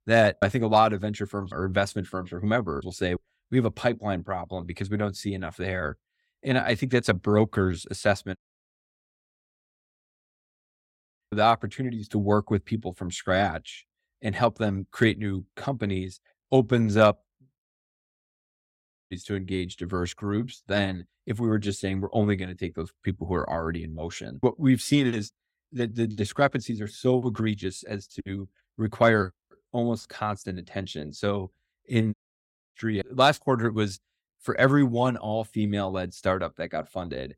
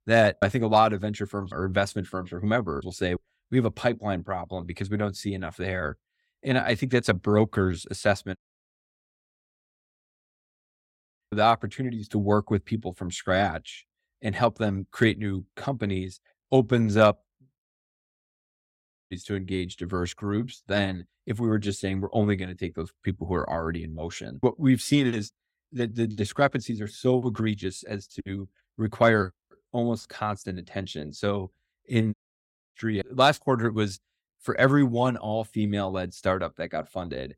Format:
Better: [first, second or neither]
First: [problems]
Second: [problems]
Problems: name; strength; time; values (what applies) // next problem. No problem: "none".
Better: neither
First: audio cutting out; at 8.5 s for 3 s, at 18 s for 1.5 s and at 32 s for 0.5 s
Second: audio cutting out; at 8.5 s for 3 s, at 18 s for 1.5 s and at 32 s for 0.5 s